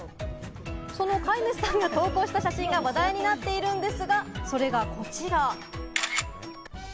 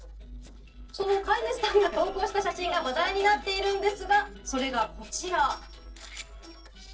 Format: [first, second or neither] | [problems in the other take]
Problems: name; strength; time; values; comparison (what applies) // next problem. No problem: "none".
first | noise reduction (neural separator model SepFormer DNS4)